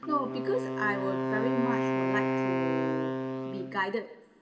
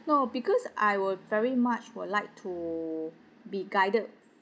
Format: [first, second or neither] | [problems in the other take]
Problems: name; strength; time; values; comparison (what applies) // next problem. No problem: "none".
second | background sound (Wind instrument, woodwind instrument); 3 dB above the speech // room echo; dies away in 1 s